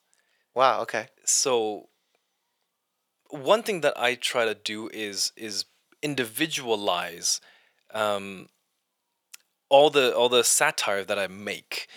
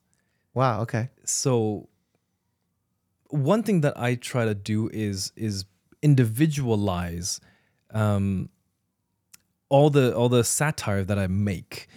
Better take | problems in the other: second | thin; very; fading below 600 Hz

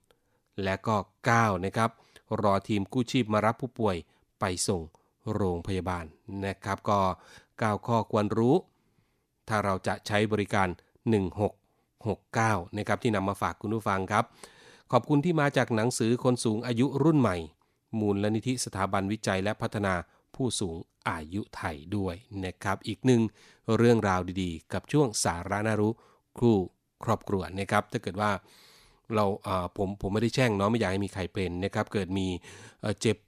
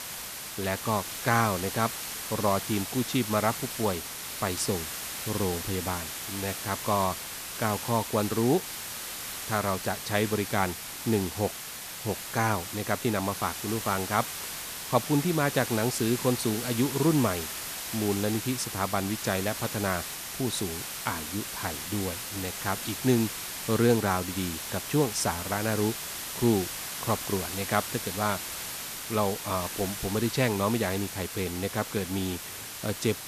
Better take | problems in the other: first | hiss; loud; throughout; 5 dB below the speech

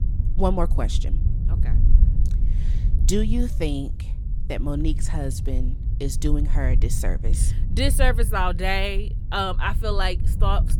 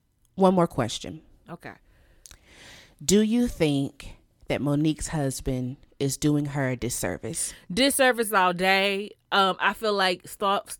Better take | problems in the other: second | low rumble; noticeable; throughout; 15 dB below the speech

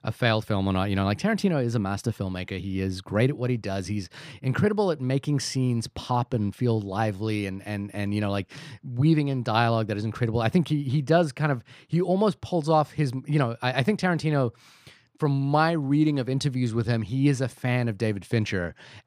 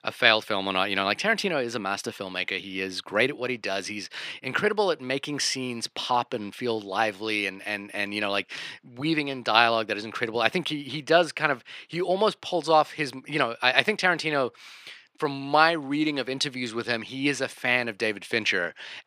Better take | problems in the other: first | thin; somewhat; fading below 350 Hz

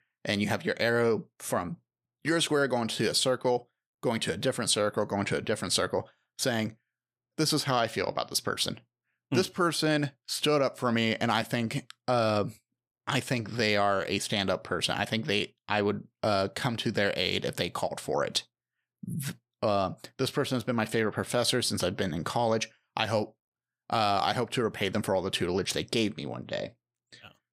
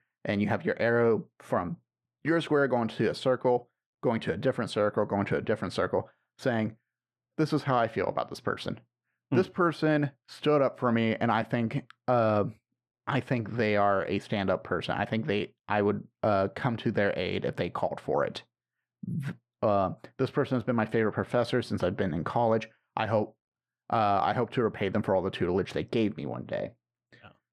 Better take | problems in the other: first | muffled; very; fading above 3.5 kHz

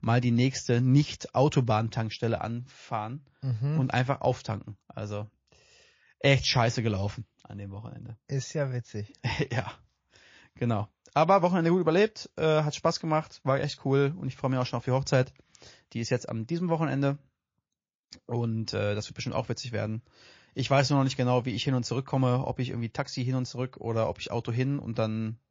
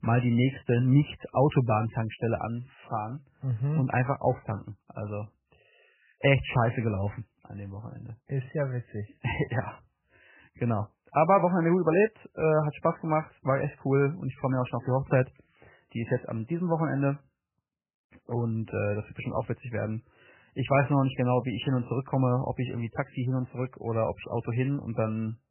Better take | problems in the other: first | garbled, watery; badly; nothing above 3 kHz; slightly in the first

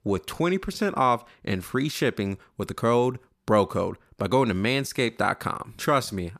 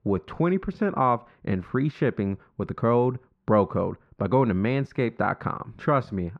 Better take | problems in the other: first | muffled; very; fading above 1.5 kHz

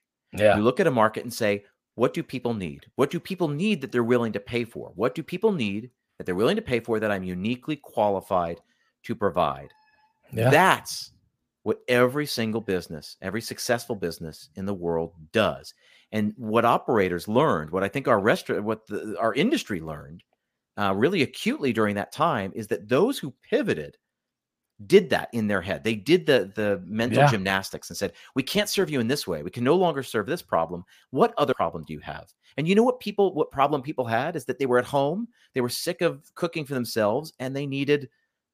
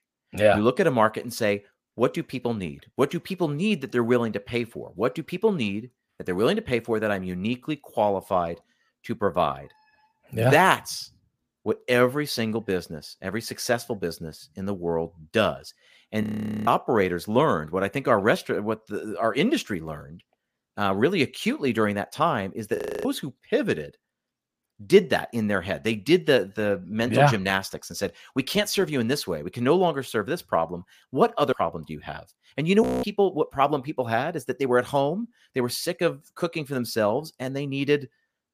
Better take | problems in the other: first | audio freezing; at 16 s, at 23 s and at 33 s

